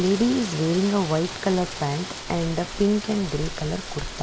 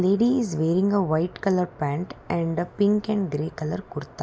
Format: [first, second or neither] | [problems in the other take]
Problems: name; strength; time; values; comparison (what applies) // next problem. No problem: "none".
second | background sound (Rain); 10 dB below the speech